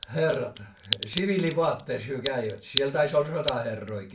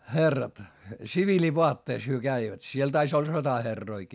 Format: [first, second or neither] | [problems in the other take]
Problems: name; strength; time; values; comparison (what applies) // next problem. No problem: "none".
second | background sound (Crack); 8 dB below the speech // room echo; dies away in 0.3 s